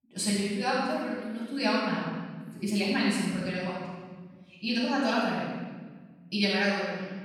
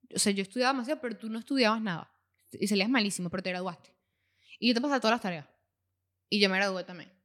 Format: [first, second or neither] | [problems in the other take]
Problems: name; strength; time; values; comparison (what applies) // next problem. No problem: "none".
second | off-mic speech; far // room echo; strong; dies away in 1.5 s